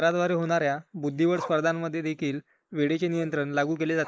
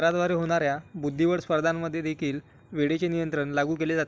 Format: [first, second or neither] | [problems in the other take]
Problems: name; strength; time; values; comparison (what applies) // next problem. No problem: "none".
second | noise reduction (neural mask model Resemble Enhance denoiser)